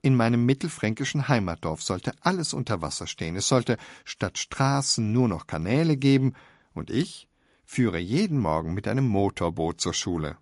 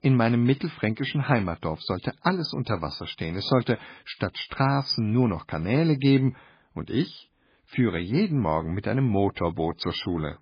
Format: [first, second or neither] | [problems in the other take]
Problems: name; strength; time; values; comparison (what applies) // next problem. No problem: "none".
first | garbled, watery; badly; nothing above 5 kHz; slightly in the first